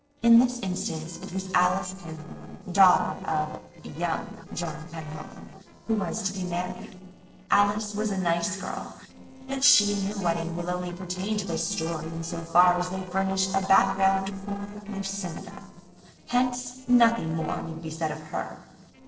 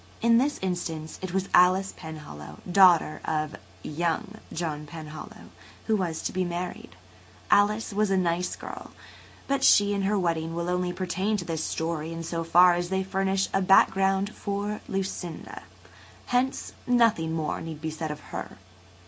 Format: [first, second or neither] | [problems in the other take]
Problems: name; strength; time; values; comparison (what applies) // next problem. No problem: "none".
second | noise reduction (neural separator model SepFormer DNS4)